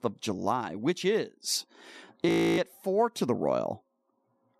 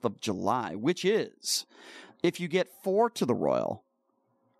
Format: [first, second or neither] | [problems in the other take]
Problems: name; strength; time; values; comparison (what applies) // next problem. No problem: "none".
second | audio freezing; at 2.5 s